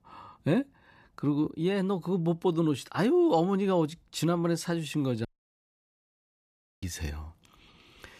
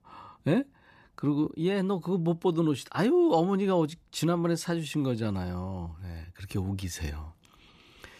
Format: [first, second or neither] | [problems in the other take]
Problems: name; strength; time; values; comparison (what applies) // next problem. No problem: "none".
second | audio cutting out; at 5.5 s for 1.5 s